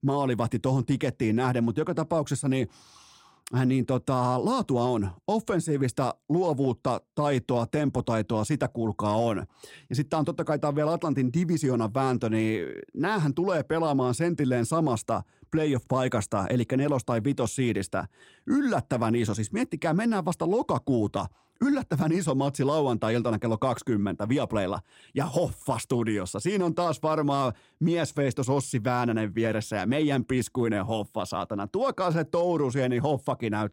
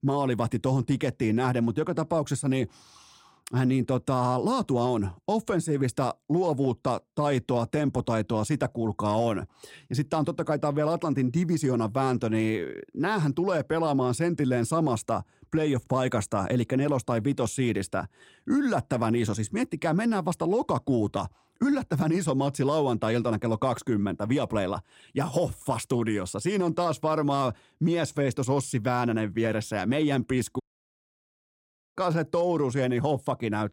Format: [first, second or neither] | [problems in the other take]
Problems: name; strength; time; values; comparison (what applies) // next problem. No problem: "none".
first | audio cutting out; at 31 s for 1.5 s